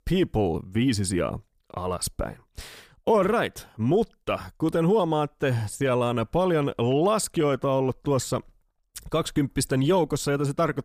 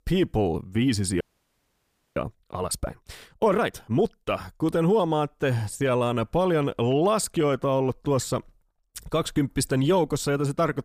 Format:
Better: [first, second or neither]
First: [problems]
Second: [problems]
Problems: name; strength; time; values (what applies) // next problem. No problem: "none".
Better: first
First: none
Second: audio freezing; at 1 s for 1 s